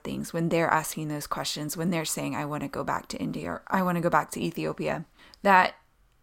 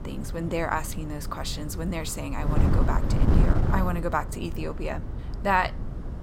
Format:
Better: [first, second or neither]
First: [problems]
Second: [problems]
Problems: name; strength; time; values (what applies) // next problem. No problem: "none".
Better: first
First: none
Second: wind noise on the microphone; heavy; 9 dB below the speech